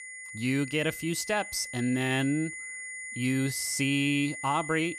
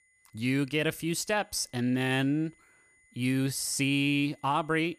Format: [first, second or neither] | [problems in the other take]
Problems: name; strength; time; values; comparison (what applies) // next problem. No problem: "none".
second | high-pitched whine; loud; throughout; 2 kHz, 9 dB below the speech; faint in the second